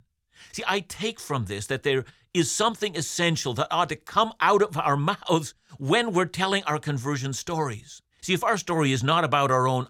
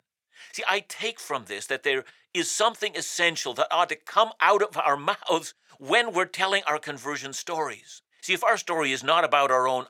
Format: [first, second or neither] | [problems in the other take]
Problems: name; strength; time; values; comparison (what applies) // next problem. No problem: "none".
first | thin; very; fading below 400 Hz